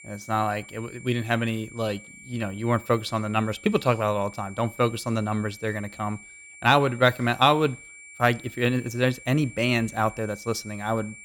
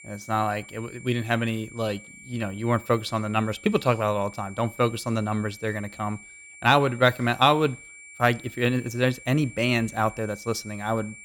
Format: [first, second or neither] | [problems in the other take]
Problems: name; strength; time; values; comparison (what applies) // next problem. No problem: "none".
neither | high-pitched whine; noticeable; throughout; 2.5 kHz, 20 dB below the speech; the same in both